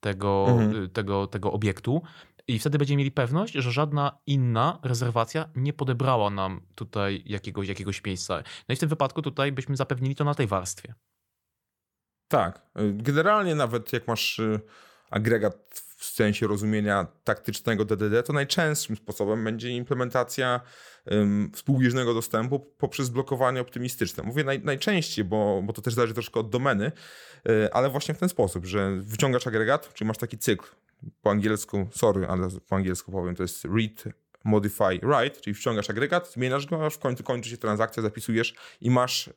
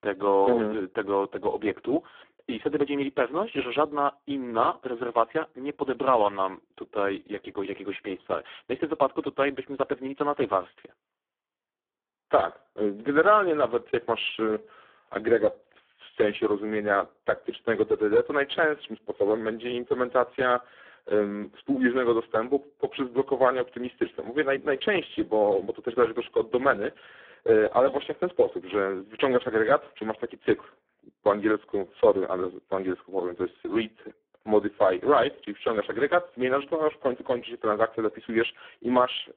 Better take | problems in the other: first | phone-call audio; poor line

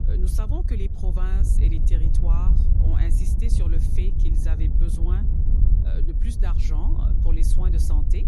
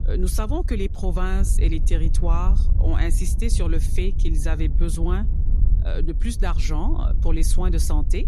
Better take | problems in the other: second | wind noise on the microphone; heavy; as loud as the speech; occasional gusts in the second

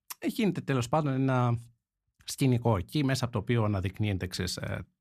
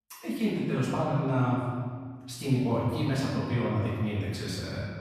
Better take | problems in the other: first | room echo; strong; dies away in 1.6 s // off-mic speech; far

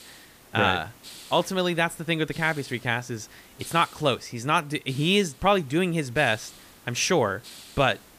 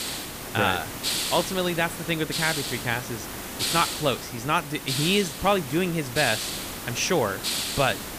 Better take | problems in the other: first | hiss; loud; throughout; 4 dB below the speech; faint in the first

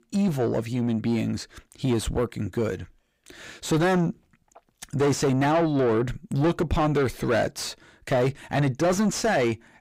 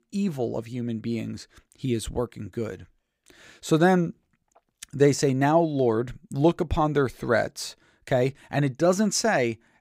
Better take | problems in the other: second | distortion; heavy; 6 dB below the speech

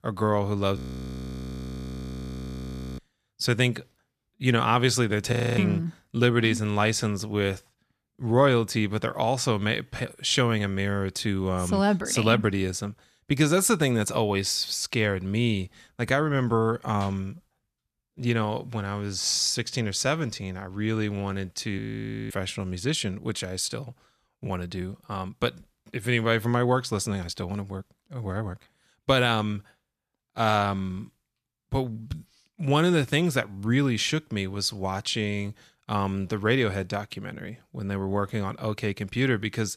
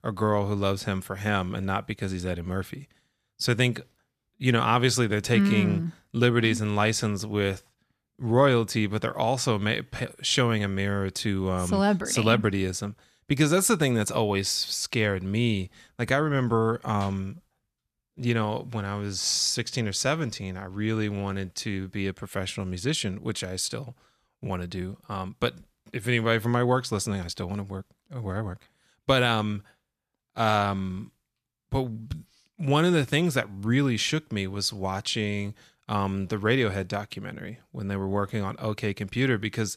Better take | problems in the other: second | audio freezing; at 1 s for 2 s, at 5.5 s and at 22 s for 0.5 s

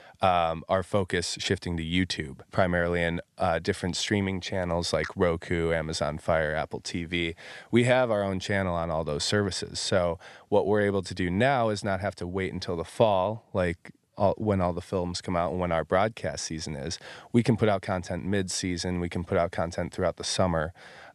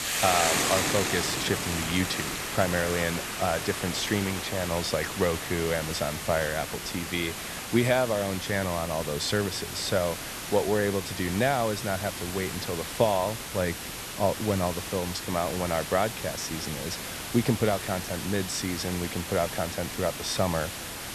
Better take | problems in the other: first | hiss; loud; throughout; 3 dB below the speech

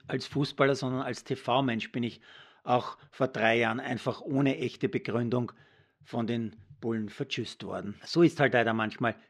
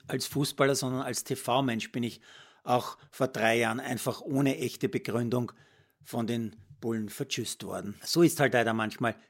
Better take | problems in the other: second | muffled; very slightly; fading above 3 kHz

